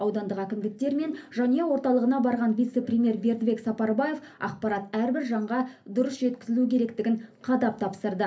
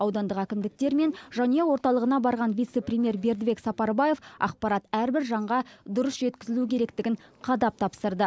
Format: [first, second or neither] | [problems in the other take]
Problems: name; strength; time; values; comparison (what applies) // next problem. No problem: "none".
second | room echo; dies away in 0.3 s